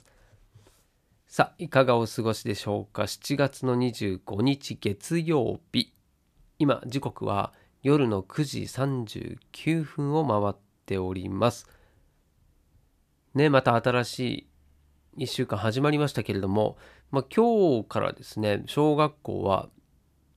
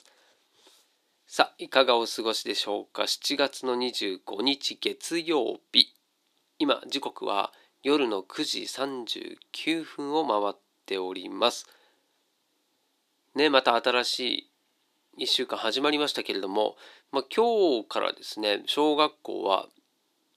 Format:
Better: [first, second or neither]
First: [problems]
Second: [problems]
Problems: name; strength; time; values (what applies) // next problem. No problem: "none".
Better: first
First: none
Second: thin; somewhat; fading below 300 Hz